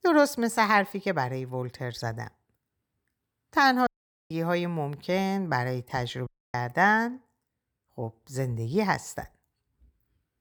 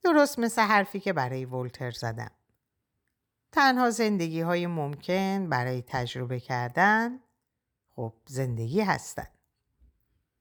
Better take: second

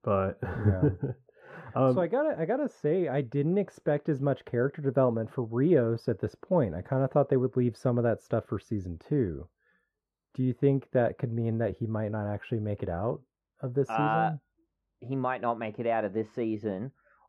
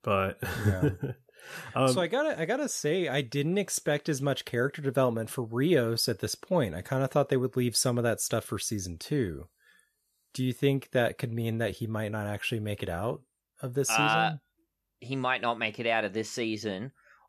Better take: second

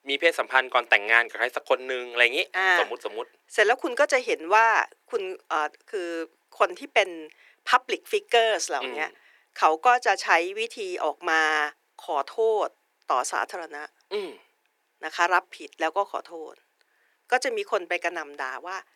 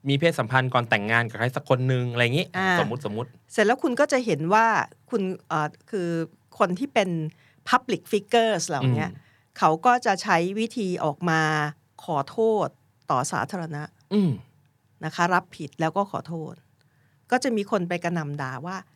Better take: second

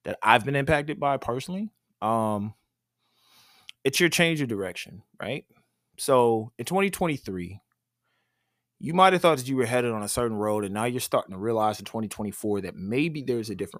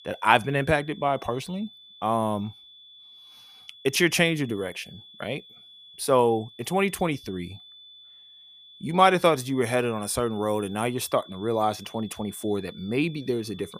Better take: first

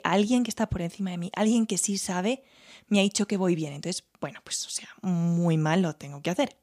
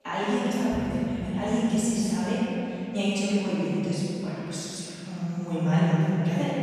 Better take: first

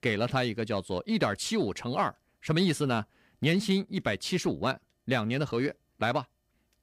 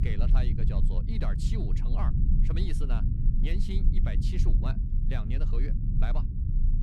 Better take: first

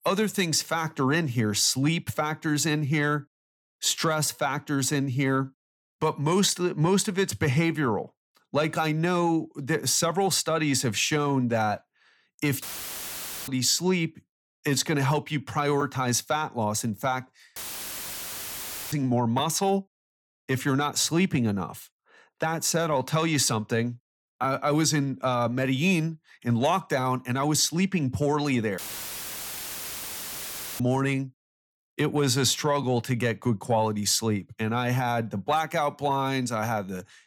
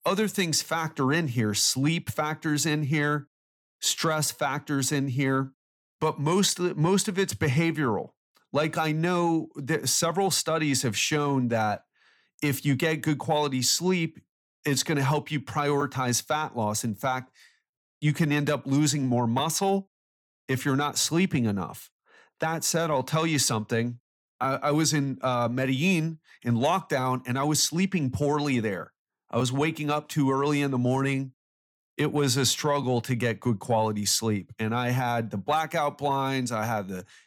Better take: second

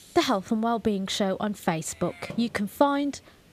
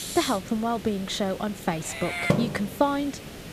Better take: first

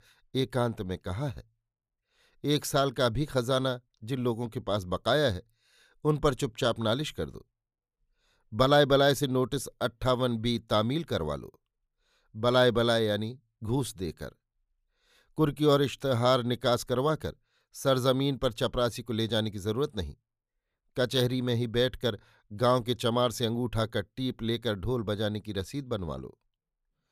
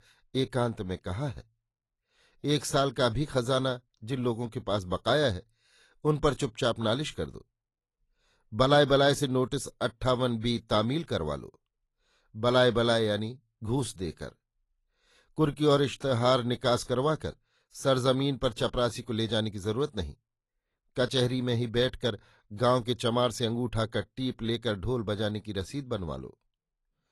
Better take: first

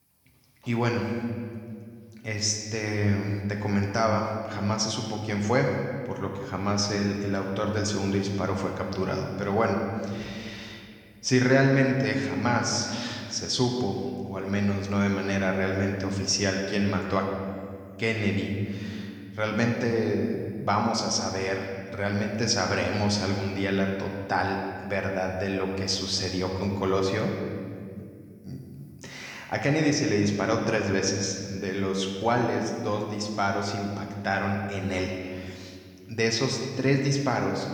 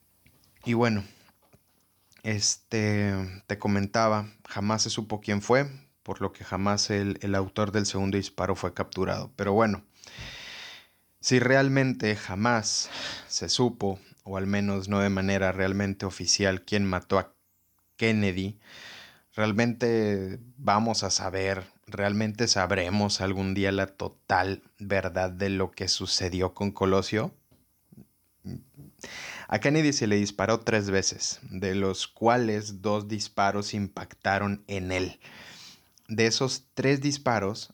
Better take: second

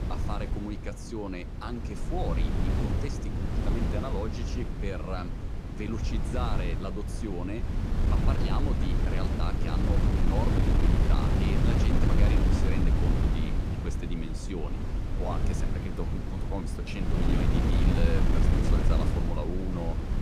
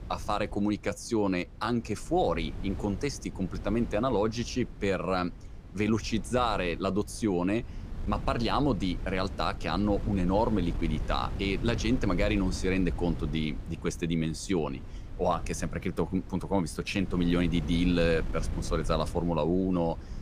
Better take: second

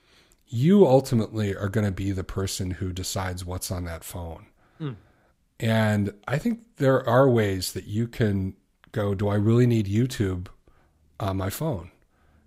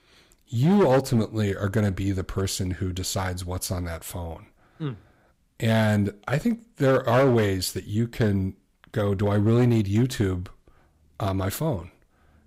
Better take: first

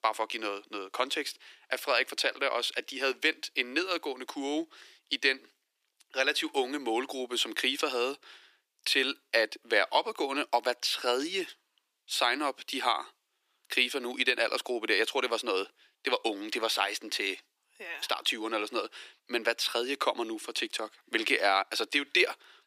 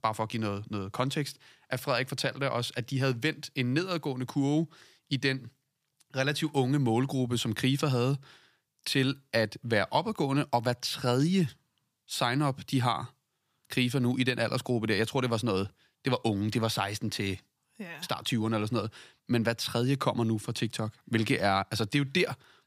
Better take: second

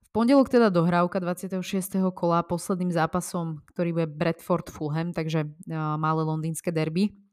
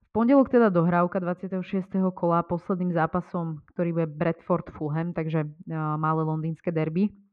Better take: first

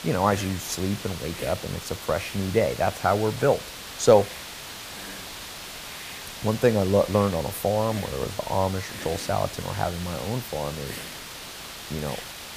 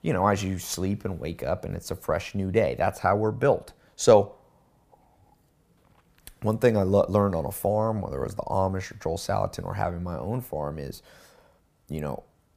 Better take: second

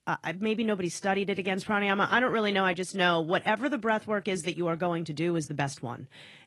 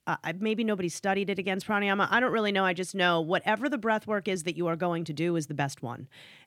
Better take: second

